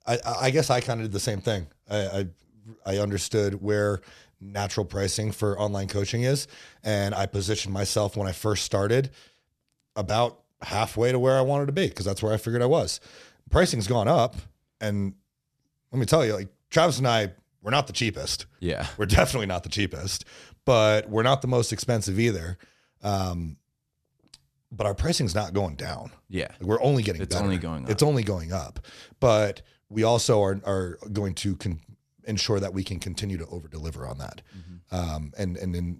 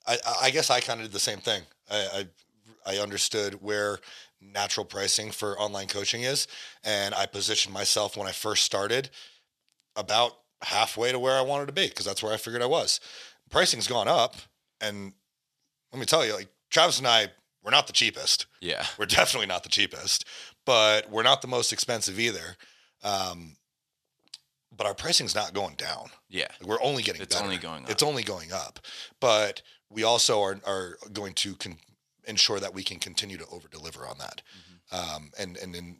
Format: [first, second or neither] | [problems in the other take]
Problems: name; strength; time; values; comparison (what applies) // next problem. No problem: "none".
first | thin; somewhat; fading below 850 Hz